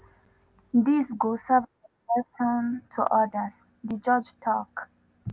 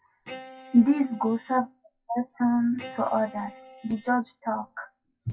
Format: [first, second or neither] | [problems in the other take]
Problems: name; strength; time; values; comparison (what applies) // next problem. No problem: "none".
first | noise reduction (classical method WPE with log-MMSE)